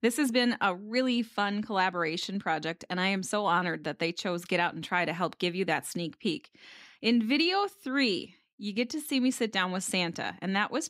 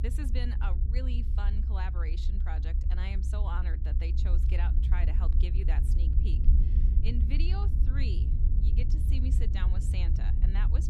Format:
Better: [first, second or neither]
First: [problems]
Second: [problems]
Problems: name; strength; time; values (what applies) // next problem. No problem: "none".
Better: first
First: none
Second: low rumble; loud; throughout; 3 dB below the speech